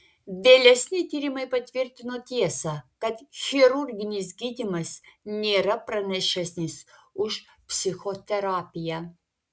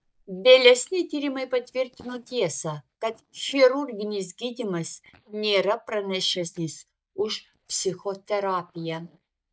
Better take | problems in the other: first | noise reduction (neural mask model DeepFilterNet 3)

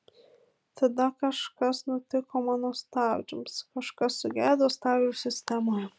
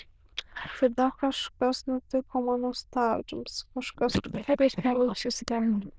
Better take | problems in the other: first | noise reduction (neural diffusion model UNIVERSE++)

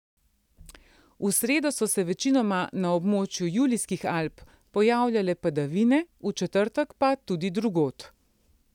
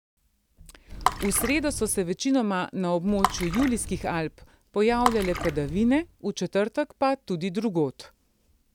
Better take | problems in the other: first | background sound (Water / Splash, splatter); 5 dB below the speech

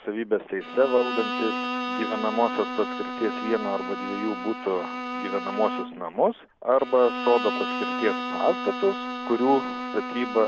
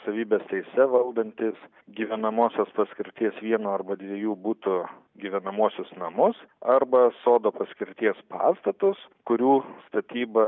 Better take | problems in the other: second | background sound (Bowed string instrument); 5 dB below the speech

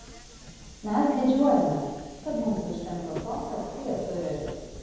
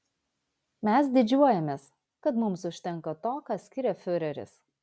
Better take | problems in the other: second | background sound (Subway, metro, underground); 14 dB below the speech // room echo; dies away in 1.2 s

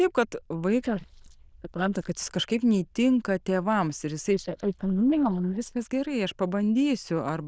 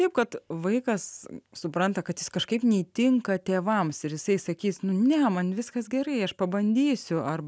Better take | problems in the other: second | noise reduction (neural diffusion model UNIVERSE++)

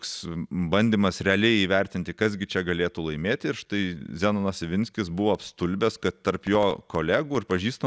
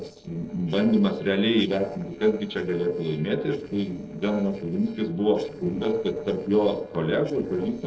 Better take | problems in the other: first | noise reduction (neural separator model SepFormer DNS4)

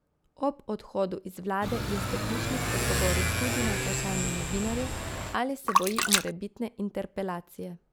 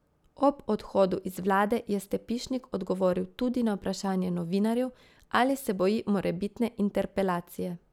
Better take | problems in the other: second | background sound (Motorcycle / Accelerating, revving, vroom + Splash, splatter); 3 dB above the speech

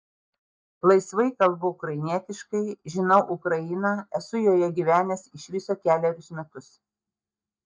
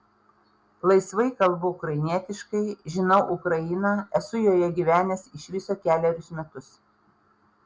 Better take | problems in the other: second | noise reduction (neural mask model DeepFilterNet 3)

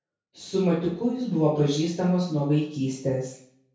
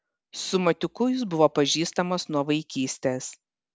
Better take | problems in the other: second | room echo; dies away in 0.6 s

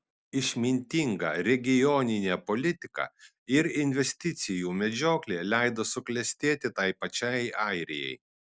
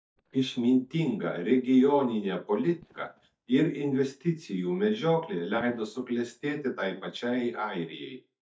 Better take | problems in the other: first | noise reduction (neural mask model DeepFilterNet 3)

